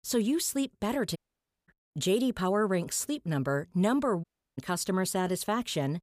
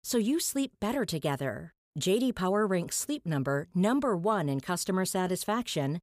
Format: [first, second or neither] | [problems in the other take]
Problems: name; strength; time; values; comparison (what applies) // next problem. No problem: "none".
second | audio cutting out; at 1 s for 0.5 s and at 4 s